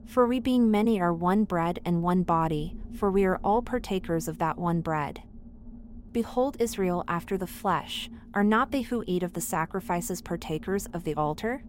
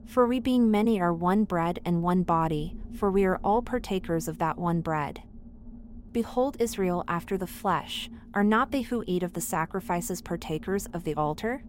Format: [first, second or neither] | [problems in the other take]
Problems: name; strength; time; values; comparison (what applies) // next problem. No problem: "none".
neither | low rumble; faint; throughout; 25 dB below the speech; the same in both